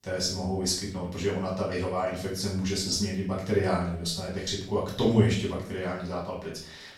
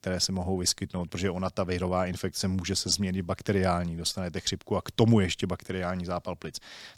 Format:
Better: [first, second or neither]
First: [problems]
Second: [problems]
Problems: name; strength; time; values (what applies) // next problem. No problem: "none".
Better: second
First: off-mic speech; far // room echo; noticeable; dies away in 0.5 s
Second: none